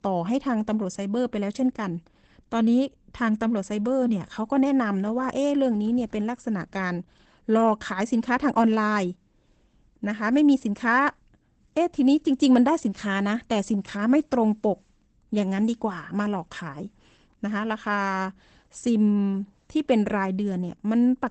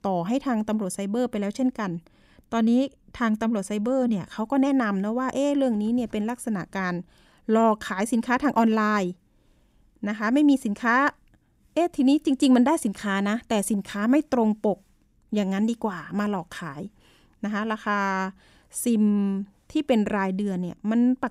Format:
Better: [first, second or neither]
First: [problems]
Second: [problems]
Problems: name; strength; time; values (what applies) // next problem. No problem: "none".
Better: second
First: garbled, watery; badly; nothing above 8 kHz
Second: none